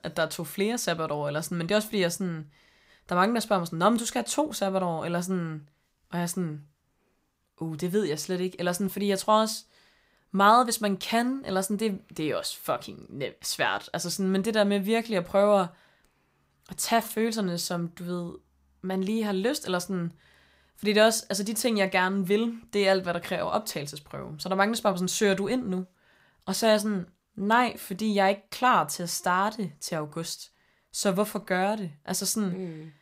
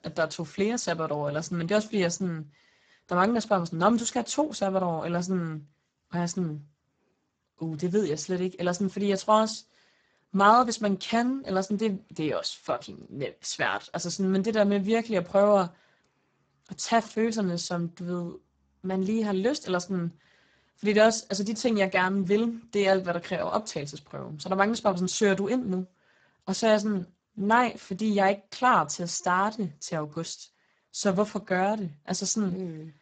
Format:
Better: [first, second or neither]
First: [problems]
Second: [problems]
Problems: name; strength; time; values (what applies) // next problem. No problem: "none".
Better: first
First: none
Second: garbled, watery; badly; nothing above 7.5 kHz